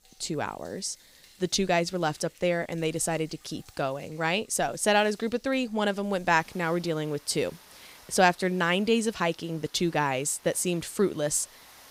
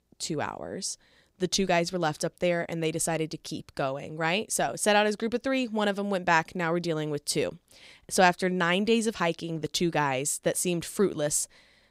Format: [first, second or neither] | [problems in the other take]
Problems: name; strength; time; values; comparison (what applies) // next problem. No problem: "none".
second | rain or running water; faint; throughout; 25 dB below the speech